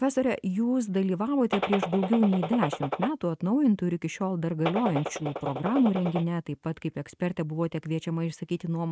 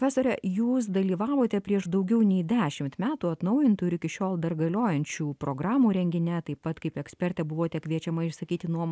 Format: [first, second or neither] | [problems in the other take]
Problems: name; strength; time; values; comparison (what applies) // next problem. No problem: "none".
second | noise reduction (neural mask model RNNoise)